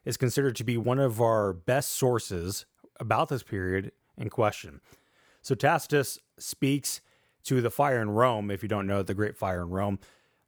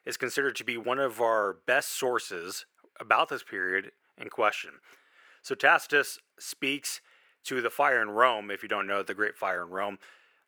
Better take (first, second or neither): first